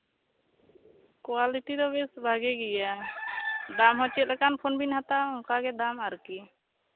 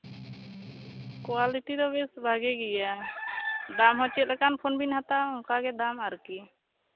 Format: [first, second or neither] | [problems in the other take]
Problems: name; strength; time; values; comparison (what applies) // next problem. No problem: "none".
first | background sound (Strum); 14 dB below the speech